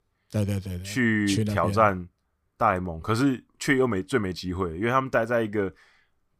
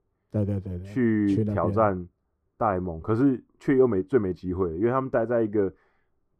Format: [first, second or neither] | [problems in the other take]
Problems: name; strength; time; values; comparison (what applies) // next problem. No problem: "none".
first | muffled; very; fading above 2 kHz